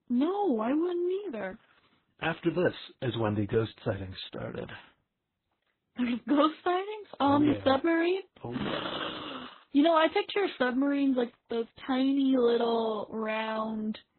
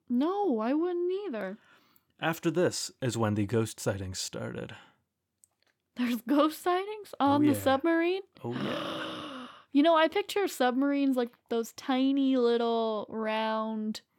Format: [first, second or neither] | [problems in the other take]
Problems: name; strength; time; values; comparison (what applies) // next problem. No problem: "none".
second | garbled, watery; badly; nothing above 4 kHz